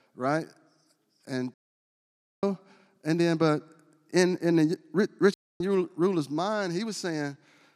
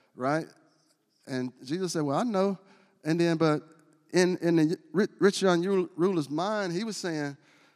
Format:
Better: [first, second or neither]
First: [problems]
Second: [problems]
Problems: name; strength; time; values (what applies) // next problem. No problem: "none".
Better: second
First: audio cutting out; at 1.5 s for 1 s and at 5.5 s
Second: none